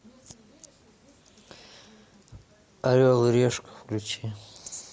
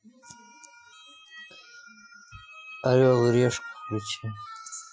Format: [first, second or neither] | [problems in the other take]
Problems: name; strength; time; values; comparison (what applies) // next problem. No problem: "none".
first | noise reduction (classical method Wiener filter)